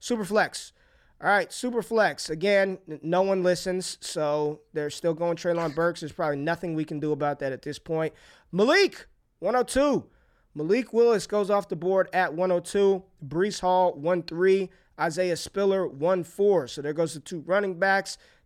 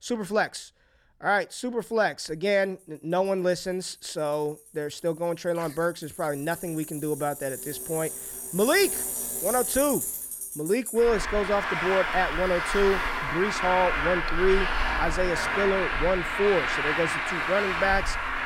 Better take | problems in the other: first | traffic noise; loud; throughout; 1 dB below the speech

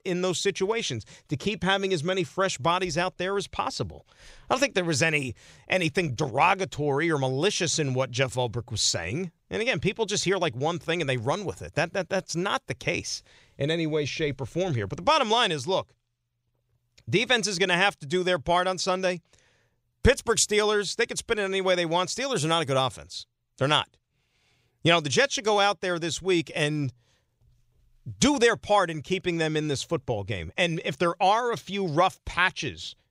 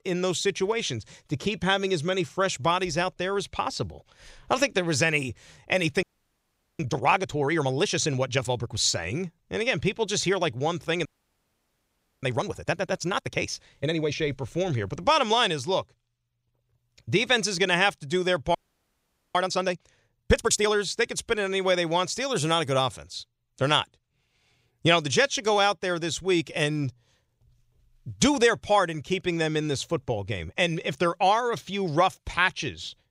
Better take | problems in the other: first | audio freezing; at 6 s for 1 s, at 11 s for 1 s and at 19 s for 1 s

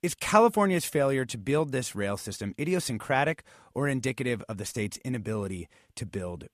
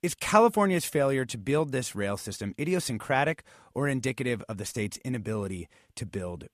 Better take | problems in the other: neither | none

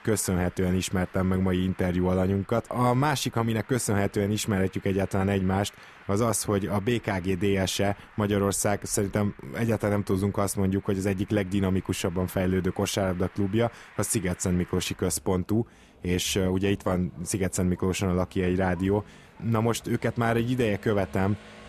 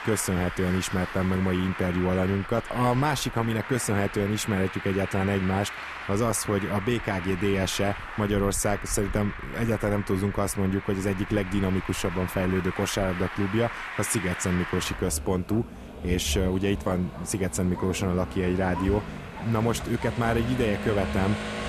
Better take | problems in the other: first | traffic noise; loud; throughout; 9 dB below the speech; faint in the first

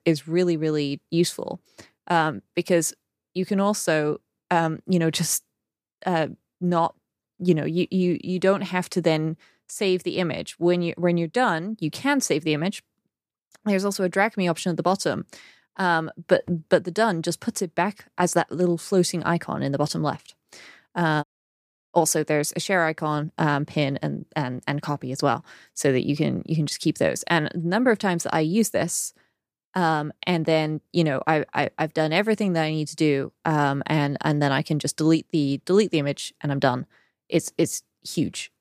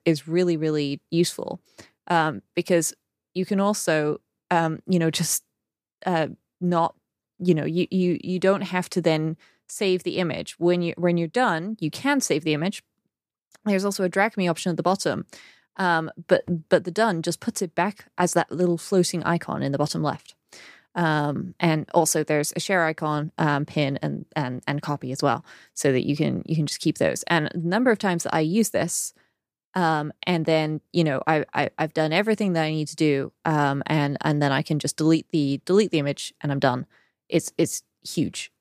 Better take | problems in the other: second | audio cutting out; at 21 s for 0.5 s

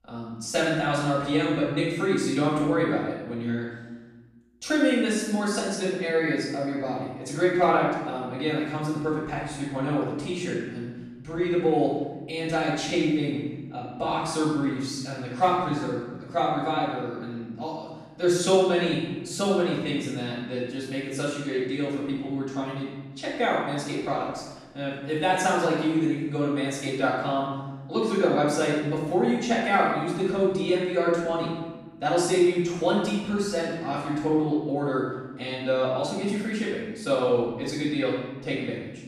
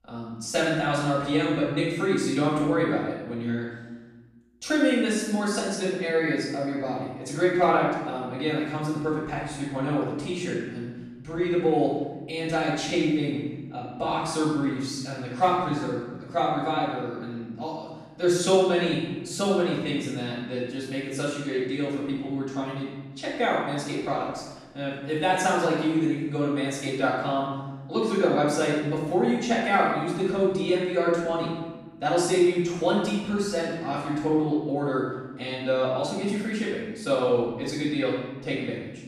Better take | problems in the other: neither | off-mic speech; far; the same in both // room echo; noticeable; dies away in 1.1 s; the same in both

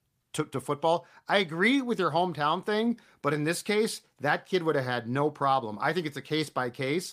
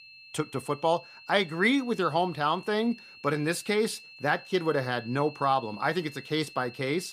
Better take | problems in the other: first | high-pitched whine; noticeable; throughout; 2.5 kHz, 20 dB below the speech

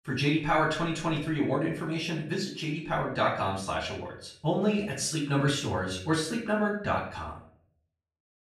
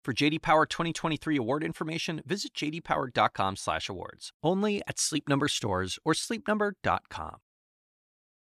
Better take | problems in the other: second | off-mic speech; far // room echo; noticeable; dies away in 0.5 s

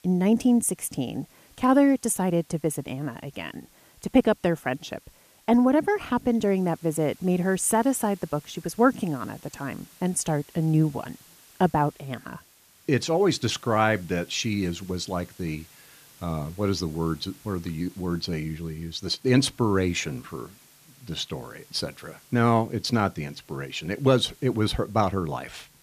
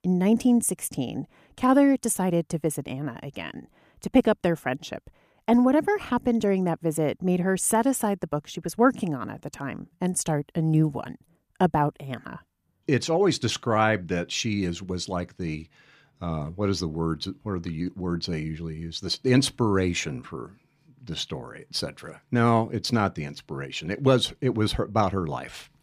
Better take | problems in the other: second | hiss; faint; throughout; 25 dB below the speech

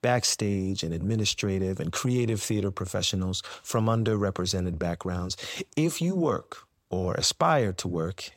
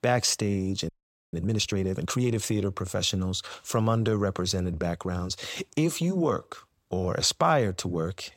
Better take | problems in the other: first | audio freezing; at 1 s

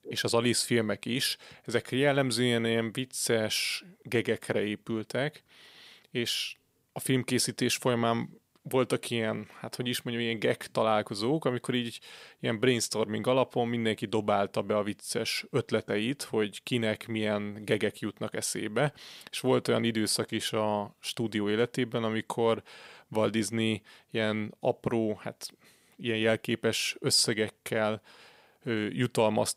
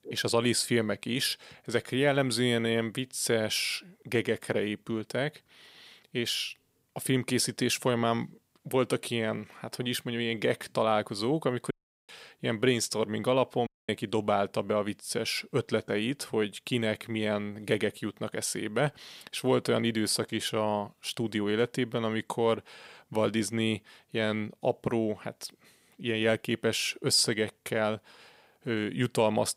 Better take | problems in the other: first | audio cutting out; at 12 s and at 14 s

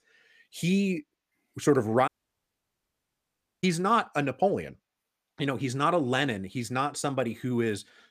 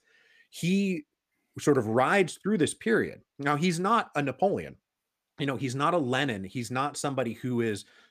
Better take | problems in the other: second | audio cutting out; at 2 s for 1.5 s

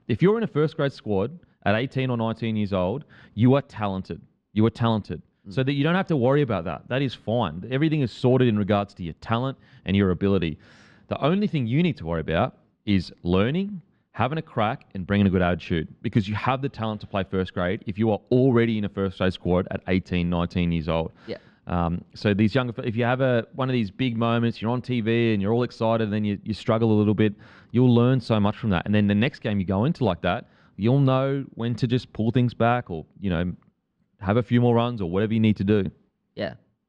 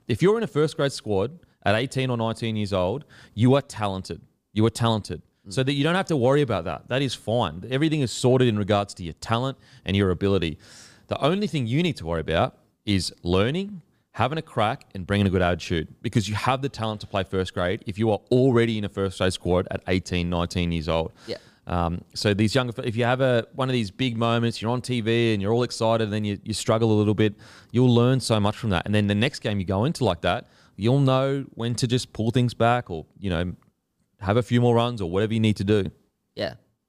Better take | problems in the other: second | muffled; slightly; fading above 2.5 kHz

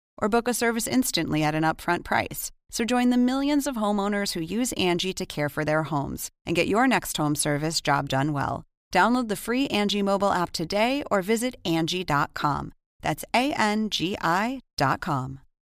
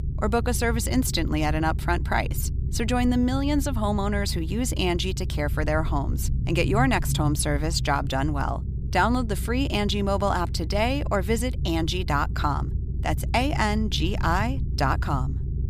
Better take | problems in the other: first | low rumble; noticeable; throughout; 15 dB below the speech

